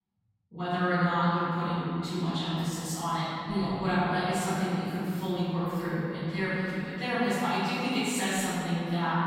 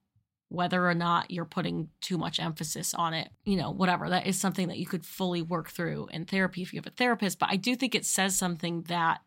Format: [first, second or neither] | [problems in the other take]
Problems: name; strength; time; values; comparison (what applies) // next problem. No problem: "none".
second | off-mic speech; far // room echo; strong; dies away in 2.9 s